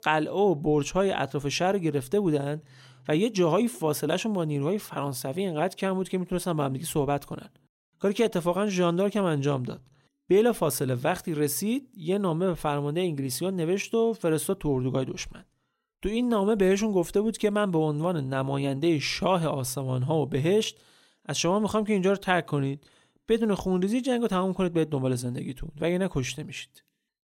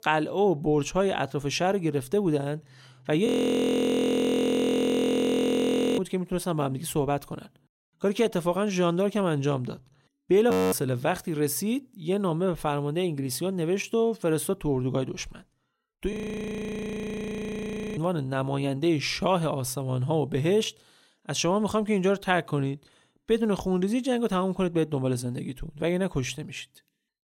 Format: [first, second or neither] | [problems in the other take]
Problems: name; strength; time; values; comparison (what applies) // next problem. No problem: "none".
first | audio freezing; at 3.5 s for 2.5 s, at 11 s and at 16 s for 2 s